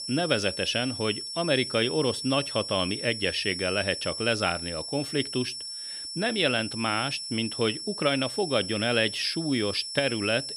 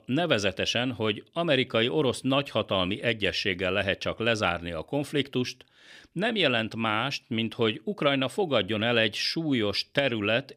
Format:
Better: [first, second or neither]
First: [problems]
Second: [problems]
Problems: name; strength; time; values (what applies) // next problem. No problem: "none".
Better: second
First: high-pitched whine; loud; throughout; 5.5 kHz, 6 dB below the speech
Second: none